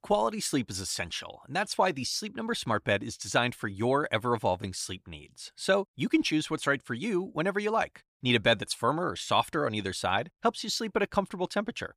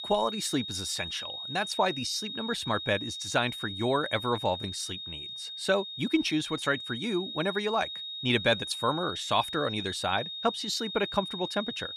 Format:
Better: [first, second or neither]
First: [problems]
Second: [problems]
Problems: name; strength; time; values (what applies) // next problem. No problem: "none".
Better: first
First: none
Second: high-pitched whine; loud; throughout; 3.5 kHz, 6 dB below the speech